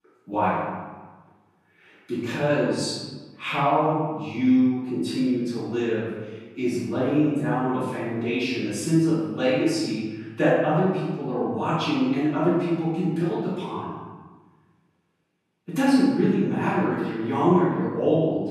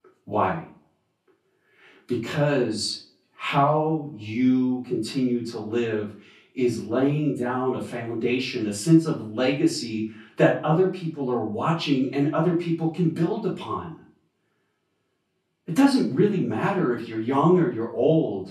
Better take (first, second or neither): second